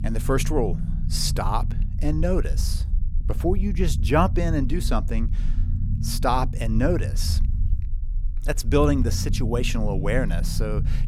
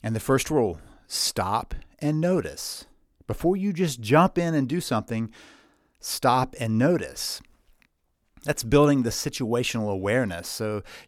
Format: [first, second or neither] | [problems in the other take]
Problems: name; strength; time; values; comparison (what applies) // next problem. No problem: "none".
second | low rumble; noticeable; throughout; 15 dB below the speech